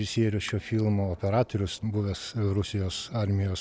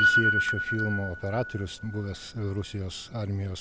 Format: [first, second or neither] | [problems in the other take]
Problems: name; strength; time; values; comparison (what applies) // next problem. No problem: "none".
first | background sound (Piano); 2 dB above the speech